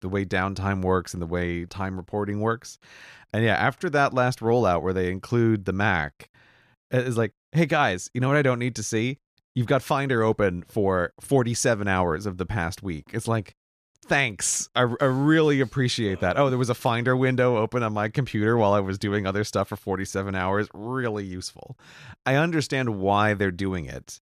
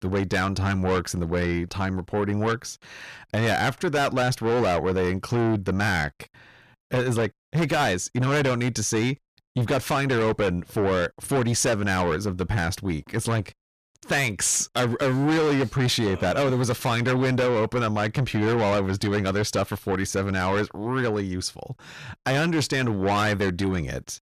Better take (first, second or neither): first